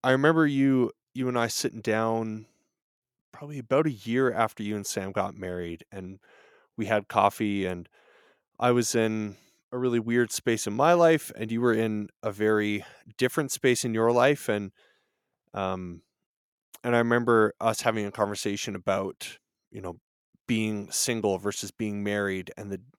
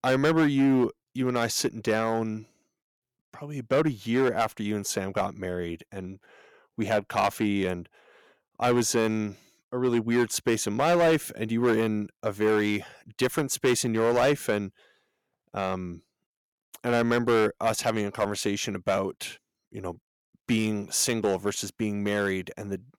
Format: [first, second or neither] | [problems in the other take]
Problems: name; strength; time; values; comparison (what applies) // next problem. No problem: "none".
first | distortion; slight; 4% of the sound clipped